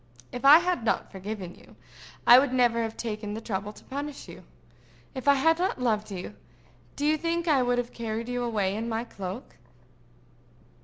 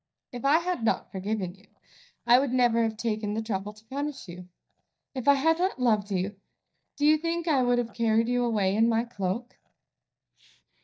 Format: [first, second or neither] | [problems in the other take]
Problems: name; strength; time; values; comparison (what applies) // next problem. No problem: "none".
first | noise reduction (neural mask model DeepFilterNet 3)